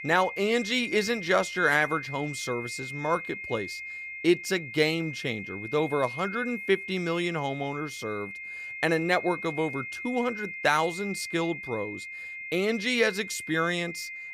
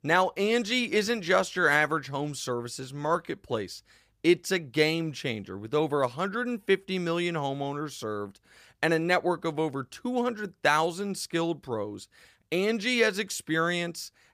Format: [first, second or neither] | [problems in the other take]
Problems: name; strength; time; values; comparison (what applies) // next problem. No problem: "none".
second | high-pitched whine; loud; throughout; 2 kHz, 8 dB below the speech